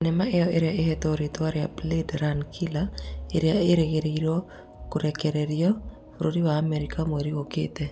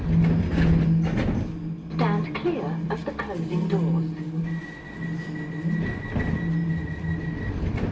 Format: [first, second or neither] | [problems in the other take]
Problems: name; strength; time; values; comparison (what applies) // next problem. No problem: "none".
first | background sound (Subway, metro, underground); 2 dB below the speech // room echo; dies away in 1.1 s